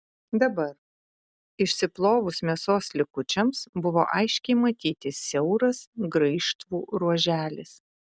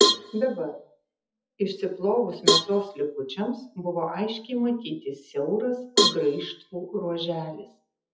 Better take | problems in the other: first | noise reduction (classical method WPE with log-MMSE)

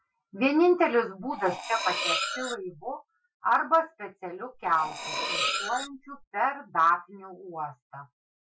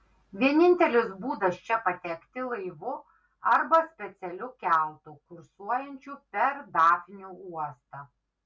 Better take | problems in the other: second | noise reduction (classical method Wiener filter)

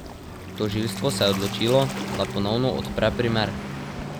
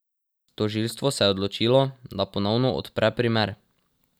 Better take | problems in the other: second | background sound (Waves, surf); 6 dB below the speech

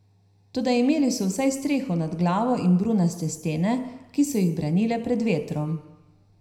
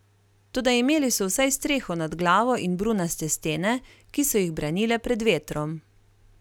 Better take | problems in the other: second | room echo; dies away in 0.8 s

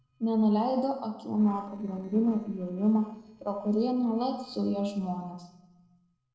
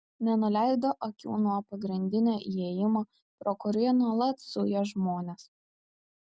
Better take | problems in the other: second | noise reduction (neural separator model SepFormer DNS4)

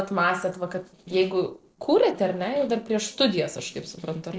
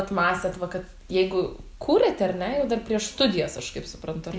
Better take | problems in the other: second | noise reduction (neural separator model SepFormer DNS4)

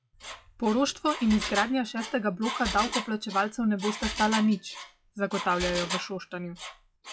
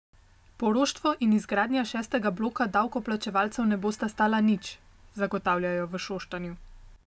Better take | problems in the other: second | noise reduction (classical method log-MMSE)

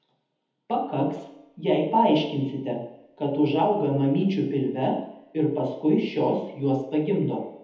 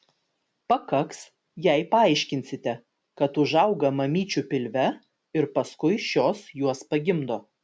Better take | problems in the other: second | room echo; dies away in 1 s

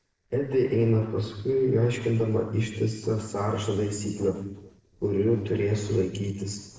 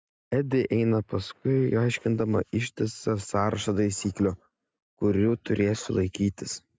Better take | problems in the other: second | noise reduction (neural separator model SepFormer DNS4)

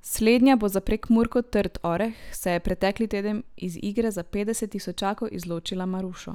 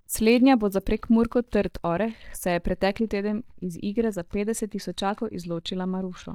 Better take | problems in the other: first | noise reduction (neural mask model DeepFilterNet 3)

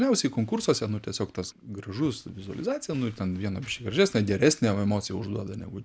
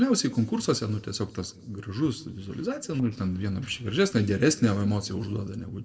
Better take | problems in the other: first | noise reduction (neural separator model SepFormer DNS4)

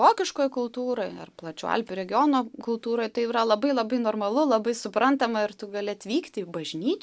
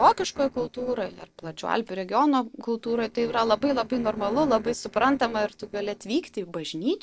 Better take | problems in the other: first | noise reduction (neural separator model SepFormer DNS4)

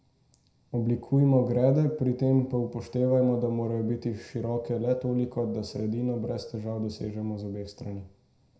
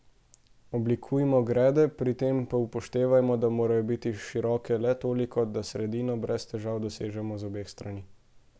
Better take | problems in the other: second | room echo; dies away in 0.4 s

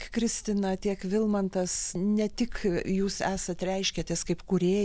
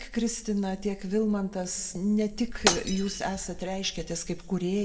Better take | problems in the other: first | background sound (Shatter); 5 dB below the speech // room echo; dies away in 1.3 s

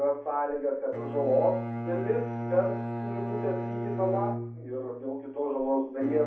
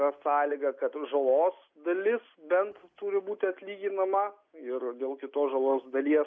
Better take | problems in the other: second | background sound (Bowed string instrument); 5 dB below the speech // room echo; dies away in 0.7 s

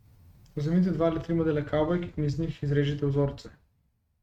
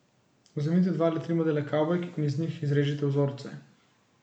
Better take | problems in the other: second | noise reduction (neural mask model RNNoise)

